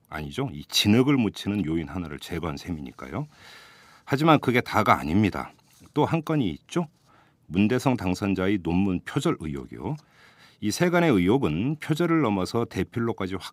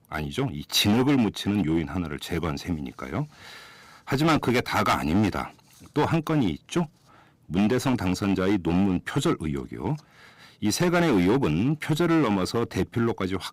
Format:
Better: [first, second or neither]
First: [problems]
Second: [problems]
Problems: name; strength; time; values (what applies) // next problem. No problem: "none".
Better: first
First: none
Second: distortion; heavy; 8% of the sound clipped